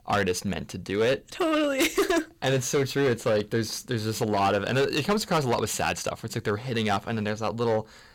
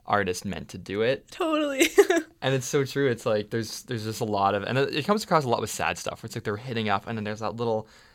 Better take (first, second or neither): second